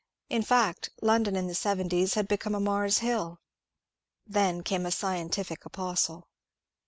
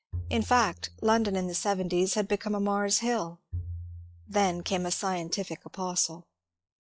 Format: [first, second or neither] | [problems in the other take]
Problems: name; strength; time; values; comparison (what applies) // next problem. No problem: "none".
first | noise reduction (classical method log-MMSE)